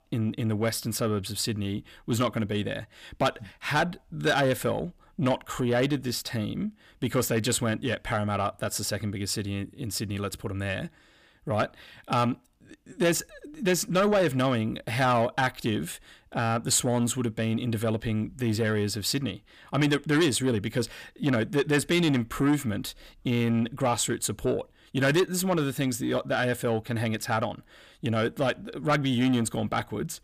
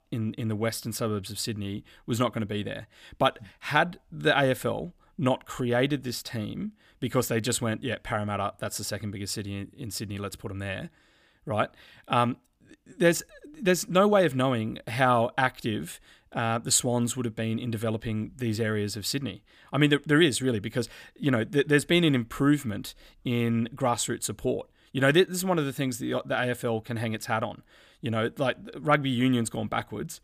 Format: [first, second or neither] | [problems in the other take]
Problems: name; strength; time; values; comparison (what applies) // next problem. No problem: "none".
second | distortion; slight; 10 dB below the speech